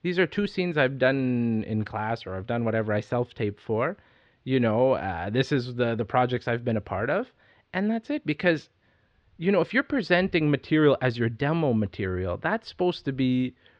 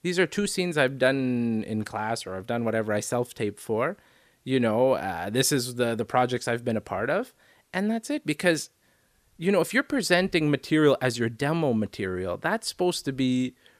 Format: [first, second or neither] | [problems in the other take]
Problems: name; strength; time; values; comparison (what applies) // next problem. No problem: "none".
second | muffled; slightly; fading above 3.5 kHz